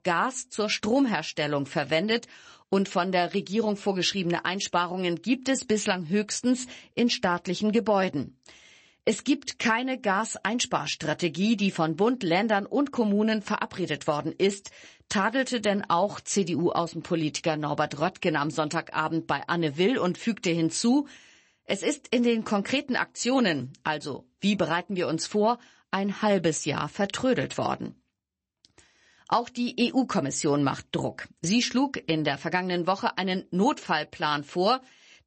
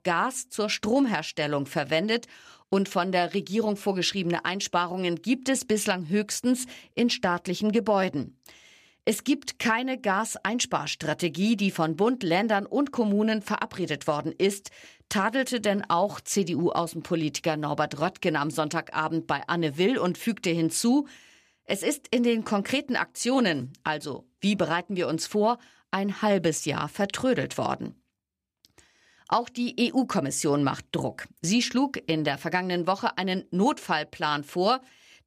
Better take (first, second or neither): second